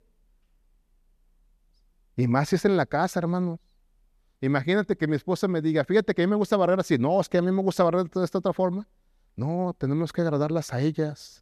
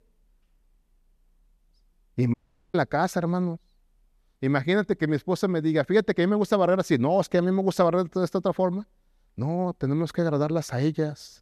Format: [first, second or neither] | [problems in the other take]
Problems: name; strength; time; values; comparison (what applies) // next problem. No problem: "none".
first | audio cutting out; at 2.5 s